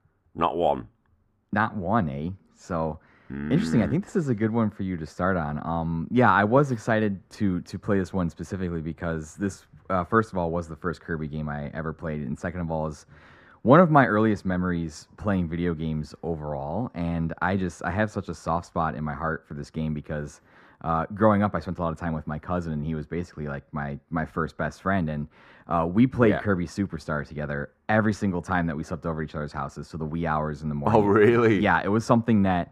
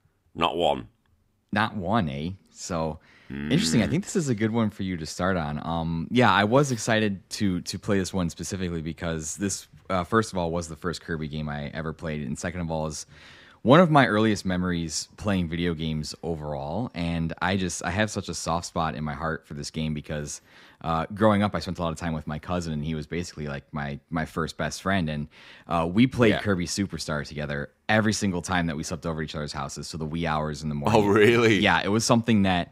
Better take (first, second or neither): second